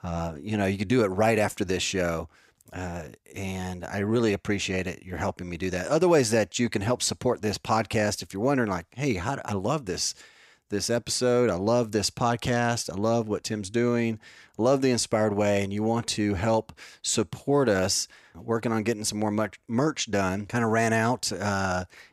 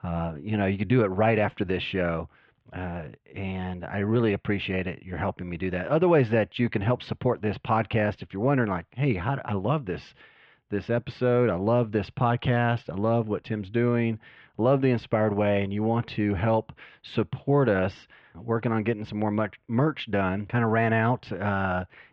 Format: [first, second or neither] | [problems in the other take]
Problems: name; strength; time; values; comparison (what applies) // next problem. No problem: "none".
first | muffled; very; fading above 3 kHz